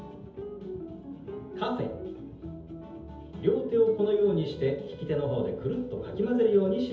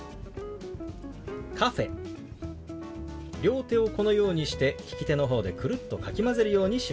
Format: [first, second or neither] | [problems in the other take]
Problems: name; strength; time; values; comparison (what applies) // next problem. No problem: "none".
second | room echo; dies away in 0.8 s